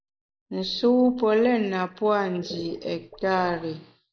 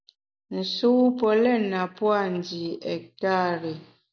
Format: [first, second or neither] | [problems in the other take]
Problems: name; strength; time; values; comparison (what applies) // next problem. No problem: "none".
second | noise reduction (neural mask model Resemble Enhance denoiser)